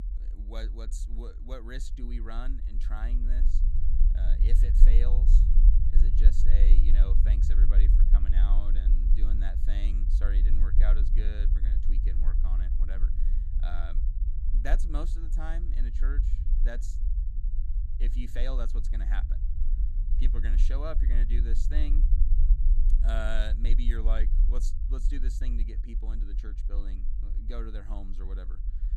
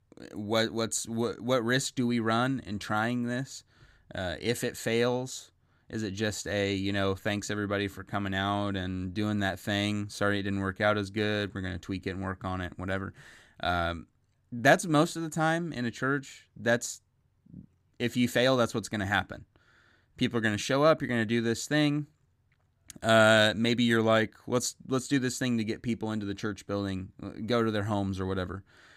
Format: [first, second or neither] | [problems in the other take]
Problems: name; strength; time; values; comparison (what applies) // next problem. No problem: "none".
second | low rumble; loud; throughout; 7 dB below the speech